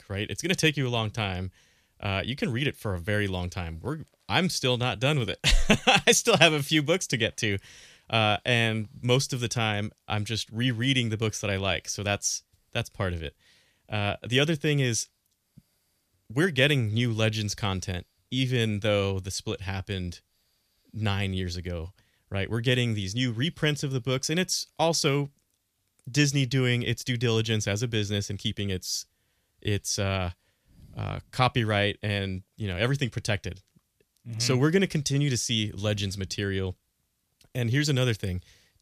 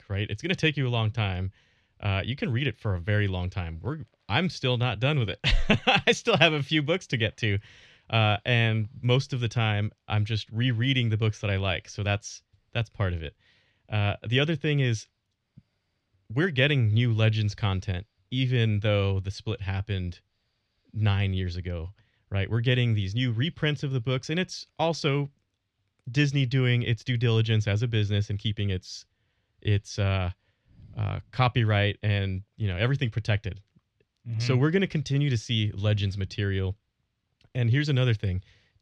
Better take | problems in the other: first | muffled; slightly; fading above 3 kHz

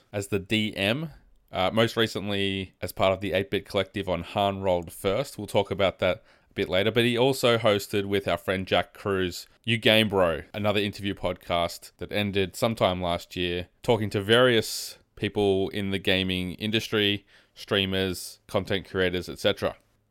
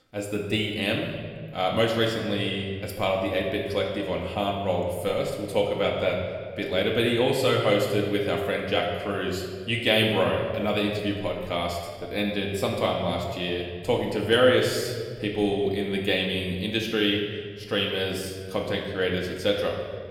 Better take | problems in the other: first | room echo; noticeable; dies away in 1.6 s // off-mic speech; somewhat distant

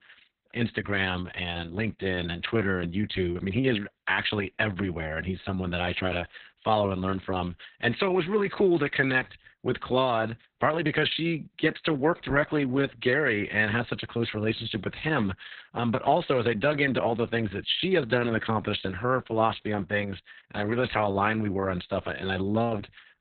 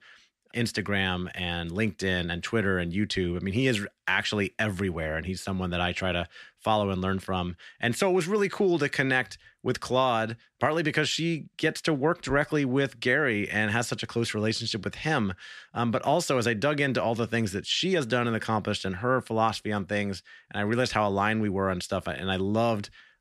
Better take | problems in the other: second | garbled, watery; badly; nothing above 4 kHz

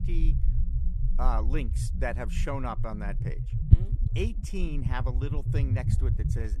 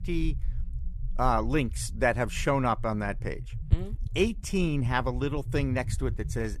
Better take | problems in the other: second | low rumble; loud; throughout; 7 dB below the speech; faint in the second

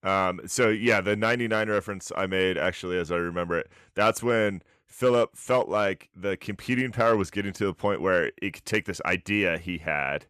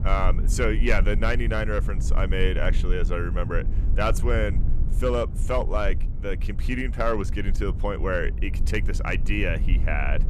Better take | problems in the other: first | low rumble; noticeable; throughout; 15 dB below the speech

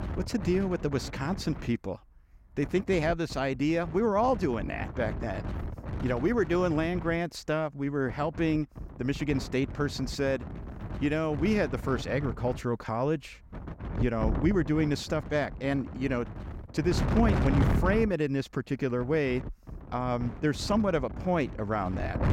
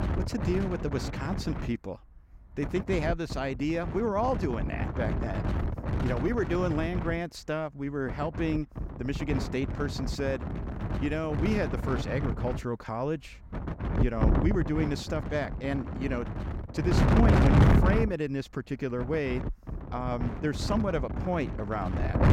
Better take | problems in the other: first | wind noise on the microphone; heavy; 4 dB below the speech; occasional gusts in the first

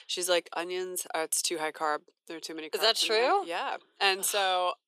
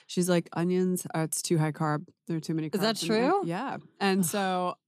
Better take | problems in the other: second | thin; very; fading below 450 Hz

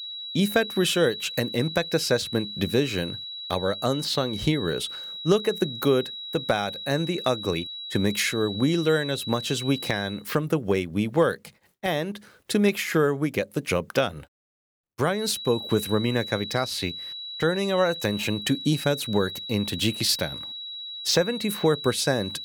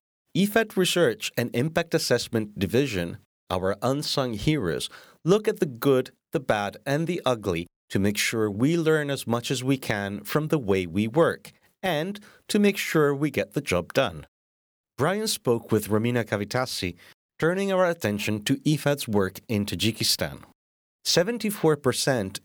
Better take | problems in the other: second | high-pitched whine; loud; until 10 s and from 15 s on; 4 kHz, 8 dB below the speech

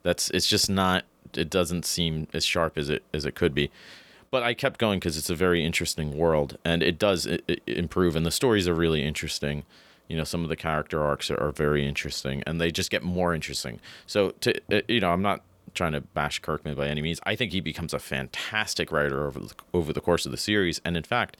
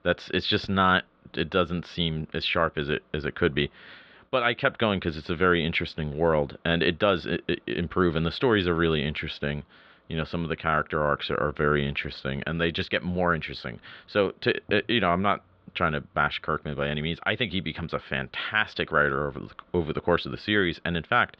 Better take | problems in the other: first | muffled; slightly; fading above 3.5 kHz

